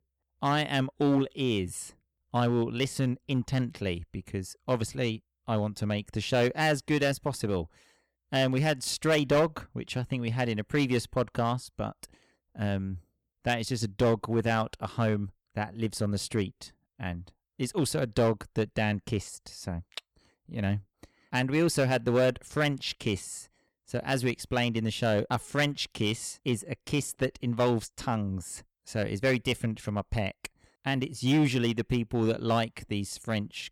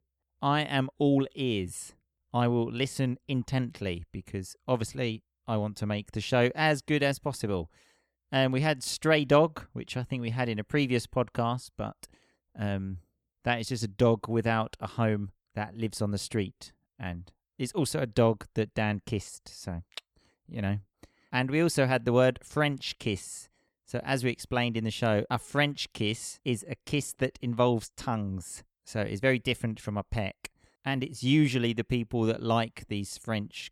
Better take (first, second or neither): second